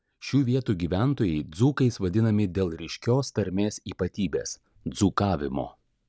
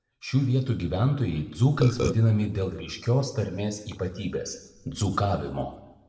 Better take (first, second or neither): first